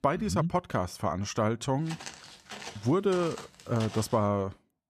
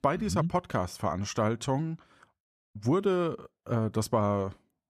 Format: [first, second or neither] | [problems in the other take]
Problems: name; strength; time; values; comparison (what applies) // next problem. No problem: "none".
second | footsteps; faint; from 2 to 4 s; peak 10 dB below the speech